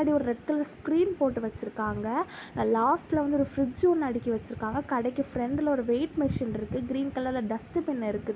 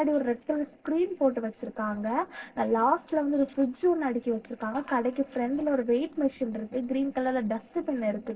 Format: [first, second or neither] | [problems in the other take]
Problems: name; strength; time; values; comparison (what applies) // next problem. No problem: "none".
first | noise reduction (neural separator model SepFormer DNS4)